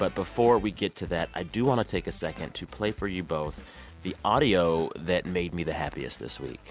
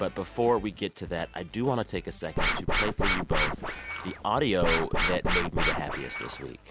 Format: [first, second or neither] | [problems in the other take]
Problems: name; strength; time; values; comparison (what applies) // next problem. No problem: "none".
first | background sound (Scratching (performance technique)); 2 dB above the speech